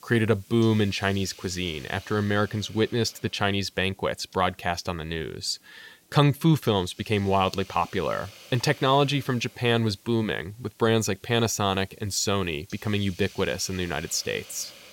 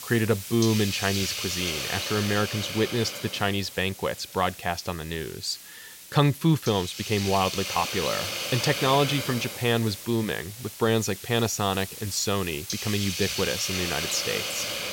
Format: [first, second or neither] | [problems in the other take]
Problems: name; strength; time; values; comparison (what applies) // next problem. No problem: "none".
first | hiss; loud; throughout; 4 dB below the speech; faint in the first